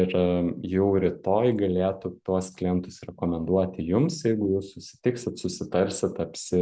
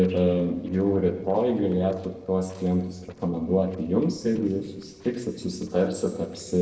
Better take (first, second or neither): first